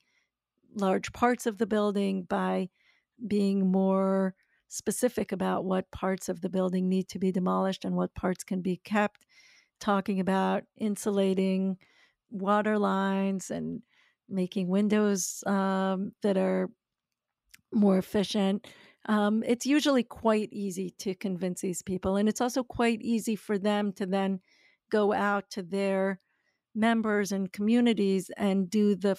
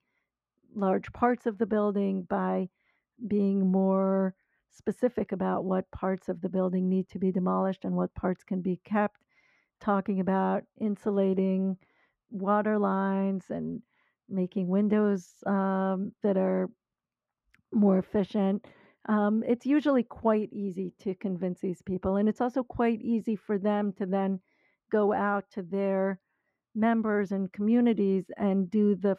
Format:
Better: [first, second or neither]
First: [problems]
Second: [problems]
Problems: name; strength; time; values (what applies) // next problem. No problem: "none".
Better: first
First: none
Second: muffled; very; fading above 3 kHz